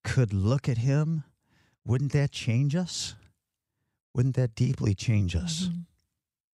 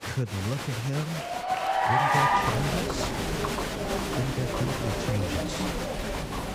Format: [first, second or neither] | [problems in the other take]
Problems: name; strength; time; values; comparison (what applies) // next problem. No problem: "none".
first | crowd noise; very loud; throughout; 4 dB above the speech